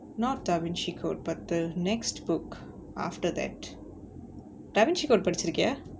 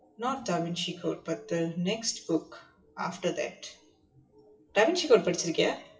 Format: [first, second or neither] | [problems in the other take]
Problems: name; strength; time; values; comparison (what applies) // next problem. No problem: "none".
first | noise reduction (classical method WPE with log-MMSE)